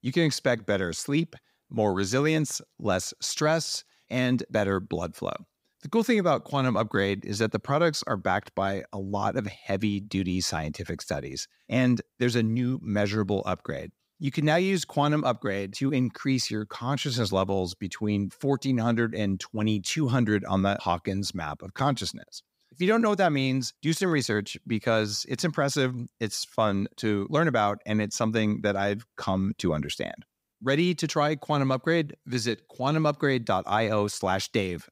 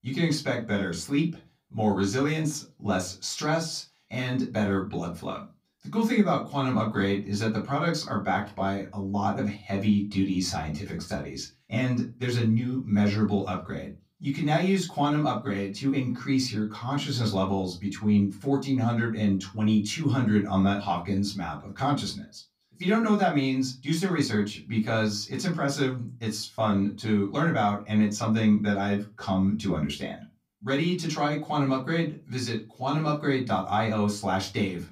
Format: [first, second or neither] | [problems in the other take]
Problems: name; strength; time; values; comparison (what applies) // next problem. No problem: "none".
first | off-mic speech; far // room echo; very slight; dies away in 0.2 s